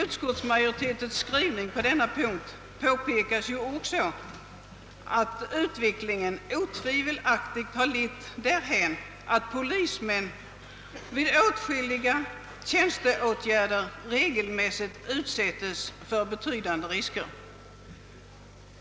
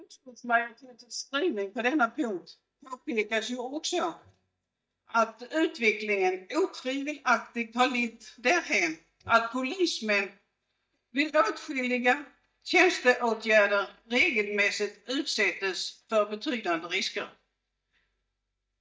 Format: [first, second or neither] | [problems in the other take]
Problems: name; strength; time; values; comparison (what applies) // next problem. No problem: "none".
first | noise reduction (neural mask model DeepFilterNet 3)